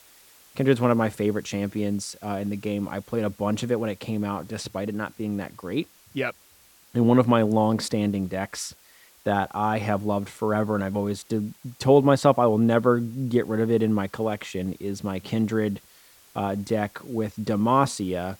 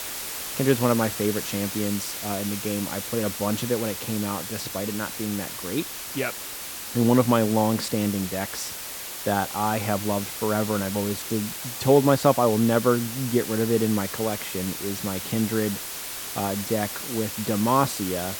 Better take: first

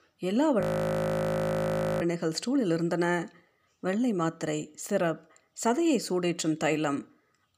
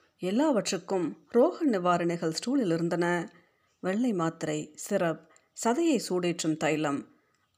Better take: second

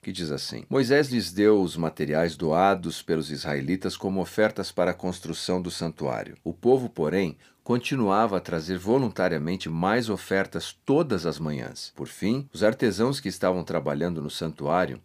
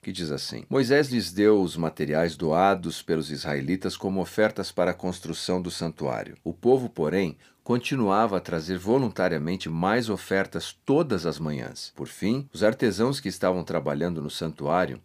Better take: neither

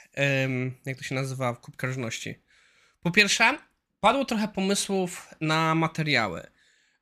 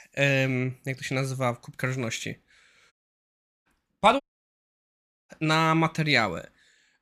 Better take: first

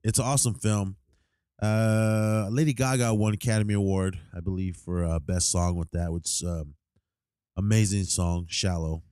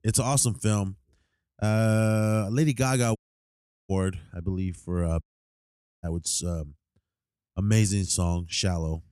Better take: first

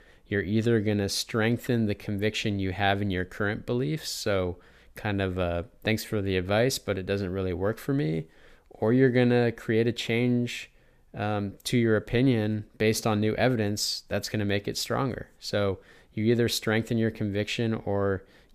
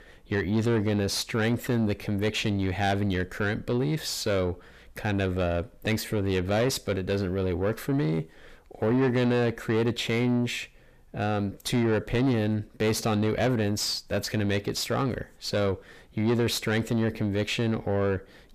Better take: first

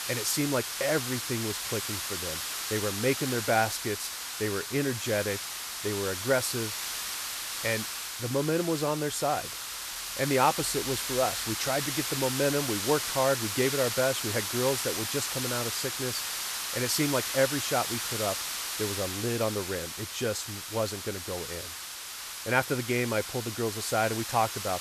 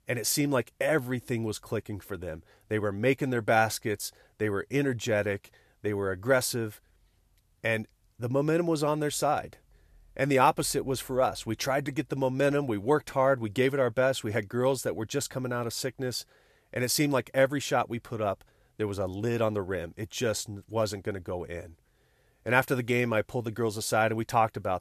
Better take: second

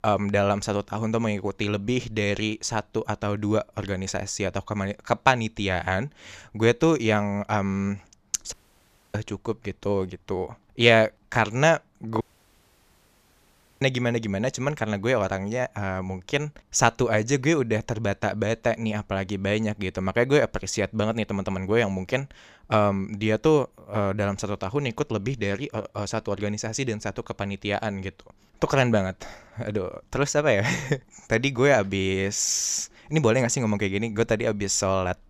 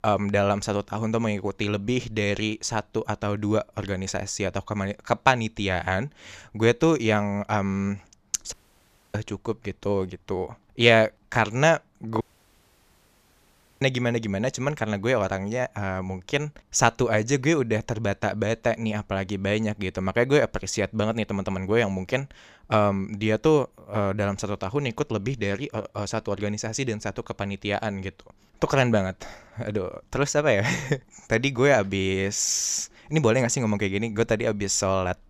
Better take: neither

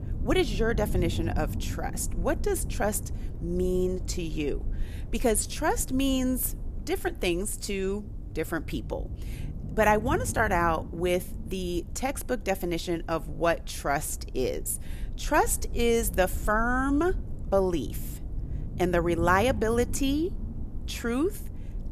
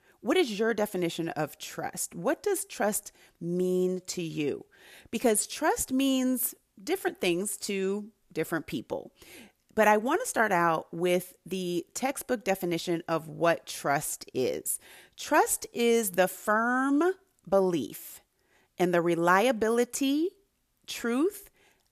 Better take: second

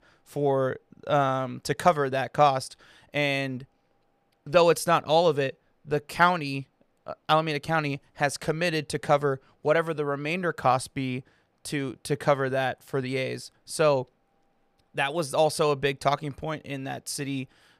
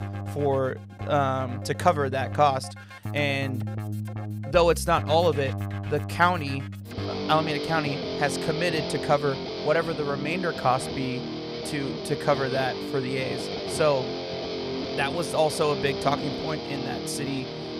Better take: first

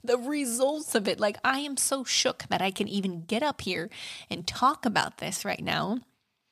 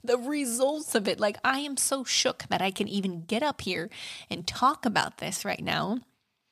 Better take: neither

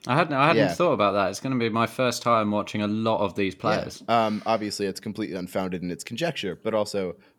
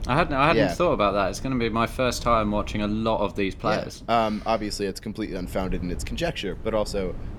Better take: first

